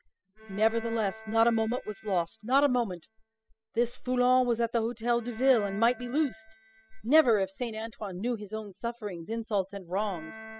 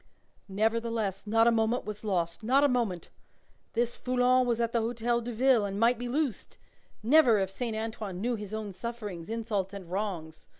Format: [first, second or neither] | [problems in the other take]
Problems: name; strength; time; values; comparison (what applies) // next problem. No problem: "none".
second | noise reduction (classical method spectral subtraction)